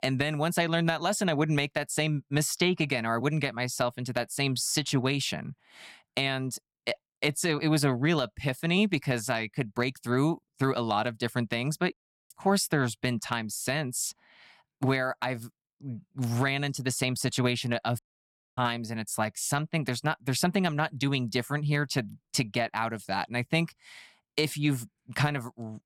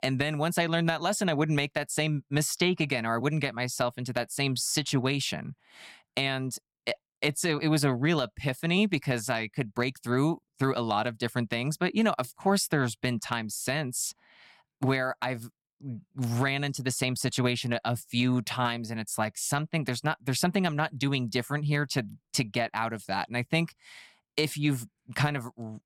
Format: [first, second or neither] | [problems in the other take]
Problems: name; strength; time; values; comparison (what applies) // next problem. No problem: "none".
second | audio cutting out; at 12 s and at 18 s for 0.5 s